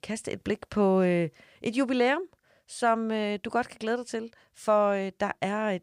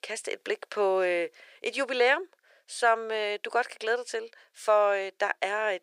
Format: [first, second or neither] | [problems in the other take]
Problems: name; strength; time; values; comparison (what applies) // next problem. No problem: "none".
first | thin; very; fading below 450 Hz